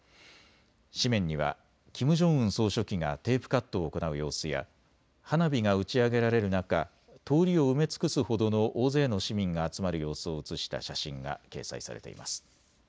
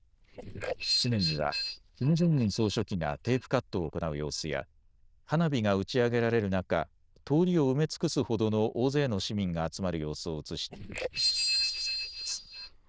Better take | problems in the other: first | noise reduction (neural diffusion model UNIVERSE++)

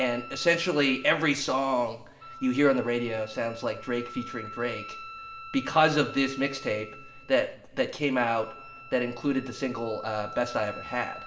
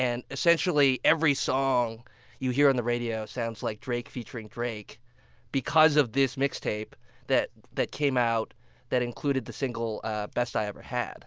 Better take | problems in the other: second | background sound (Wind instrument, woodwind instrument); 16 dB below the speech // room echo; dies away in 1.6 s

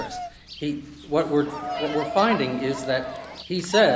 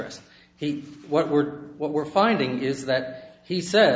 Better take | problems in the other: second | background sound (Bird vocalization, bird call, bird song + Crowd); 9 dB below the speech

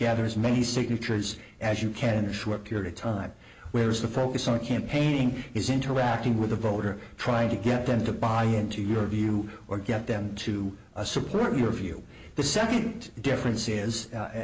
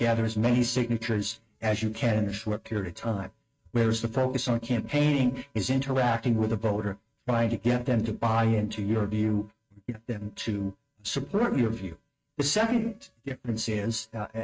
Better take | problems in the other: first | noise reduction (neural mask model RNNoise)

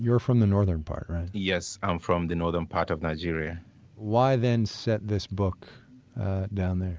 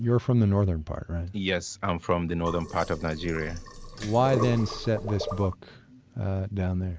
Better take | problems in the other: first | background sound (Sink (filling or washing)); 9 dB below the speech

